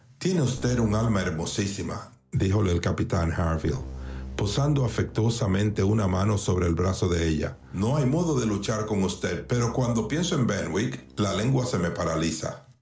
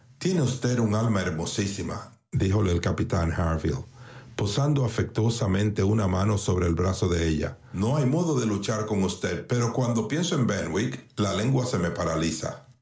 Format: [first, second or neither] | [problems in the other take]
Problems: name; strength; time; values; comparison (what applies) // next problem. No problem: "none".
second | background sound (Keyboard (musical)); 18 dB below the speech